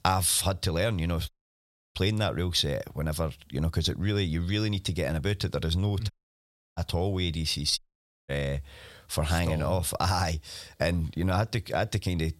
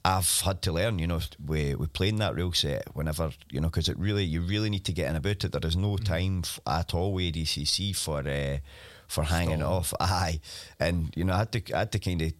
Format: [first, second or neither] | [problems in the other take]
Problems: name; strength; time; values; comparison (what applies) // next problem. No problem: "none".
second | audio cutting out; at 1.5 s for 0.5 s, at 6 s for 0.5 s and at 8 s